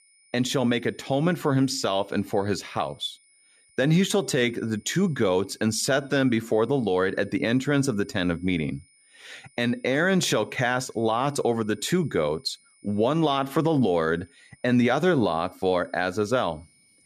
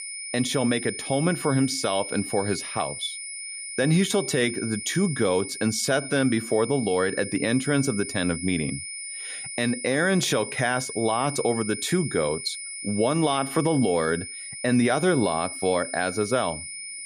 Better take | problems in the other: first | high-pitched whine; loud; throughout; 2 kHz, 8 dB below the speech; faint in the first

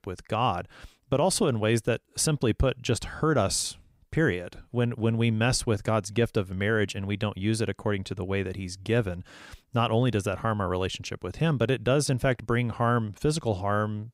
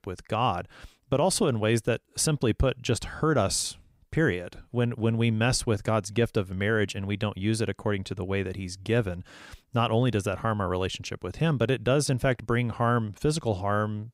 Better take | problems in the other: neither | none

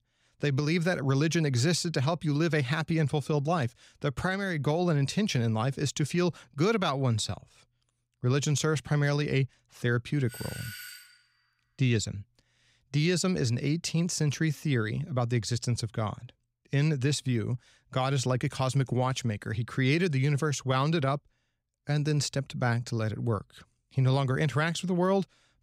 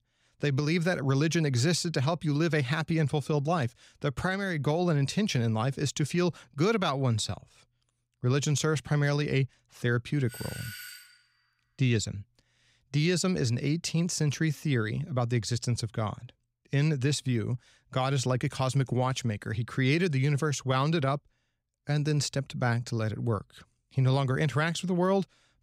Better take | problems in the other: neither | doorbell; faint; at 10 s; peak 10 dB below the speech; the same in both

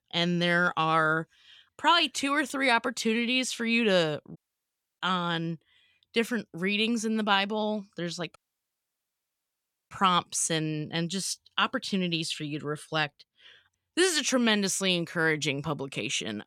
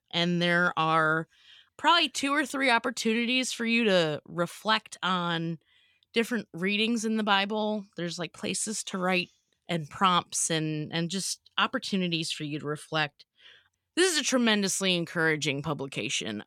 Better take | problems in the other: second | audio cutting out; at 4.5 s for 0.5 s and at 8.5 s for 1.5 s

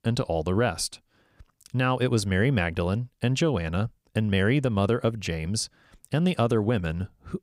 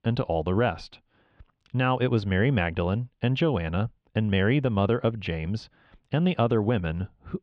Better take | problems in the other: first | muffled; slightly; fading above 3.5 kHz

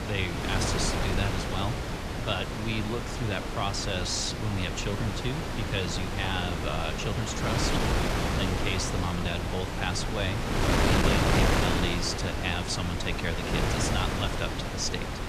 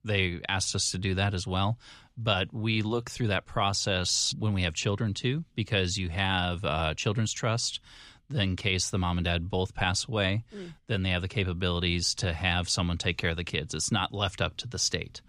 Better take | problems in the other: second | wind noise on the microphone; heavy; 1 dB above the speech

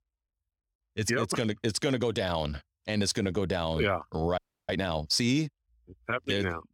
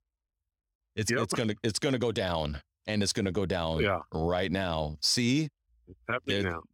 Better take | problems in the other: second | audio freezing; at 4.5 s

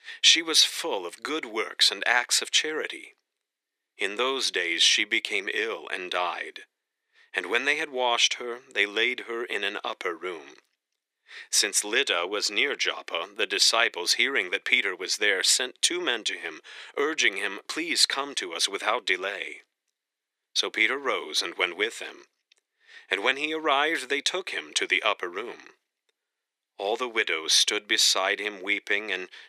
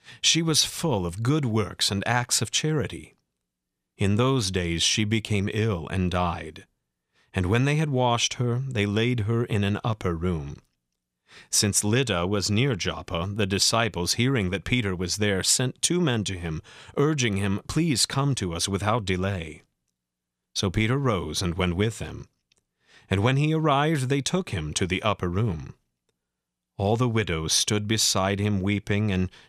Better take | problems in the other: second | thin; very; fading below 350 Hz

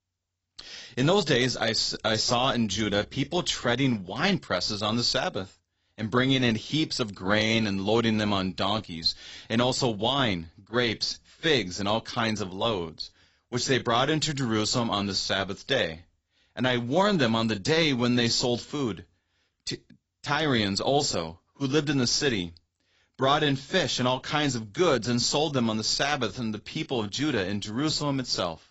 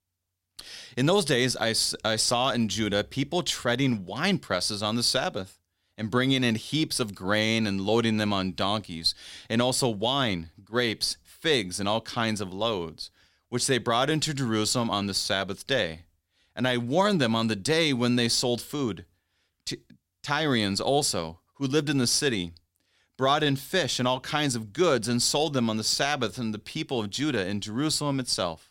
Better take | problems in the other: second | garbled, watery; badly; nothing above 7.5 kHz

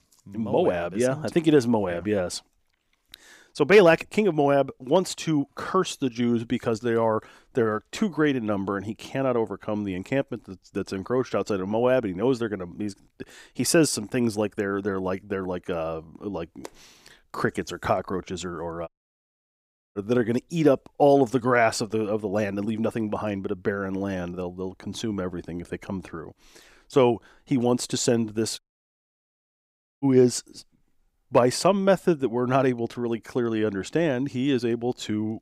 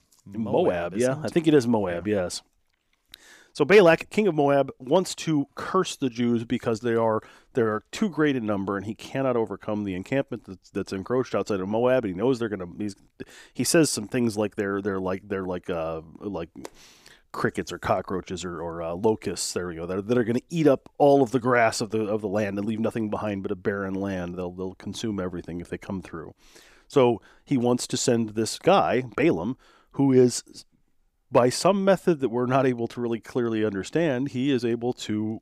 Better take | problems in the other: second | audio cutting out; at 19 s for 1 s and at 29 s for 1.5 s

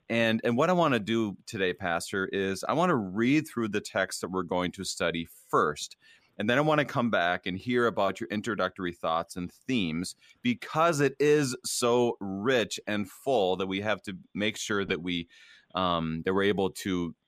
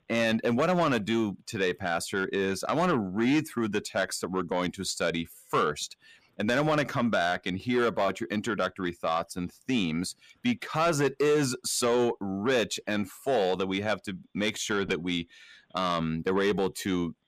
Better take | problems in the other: first | distortion; slight; 10 dB below the speech

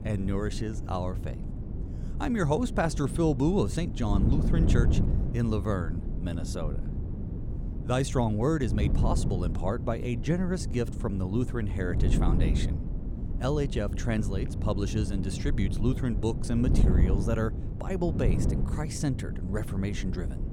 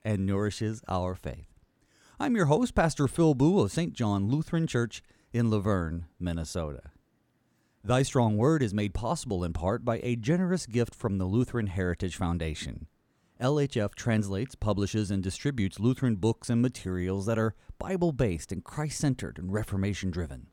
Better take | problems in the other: second | wind noise on the microphone; heavy; 8 dB below the speech

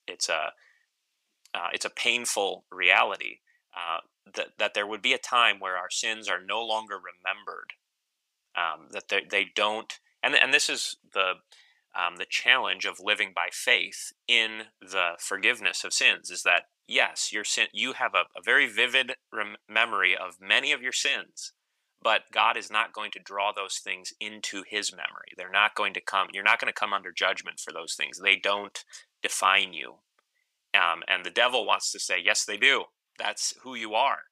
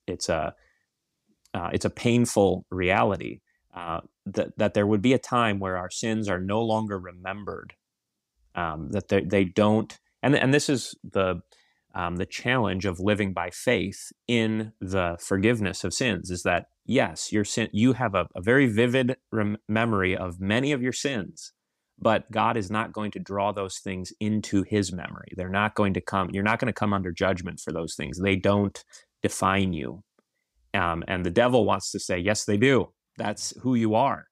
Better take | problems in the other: second | thin; very; fading below 900 Hz

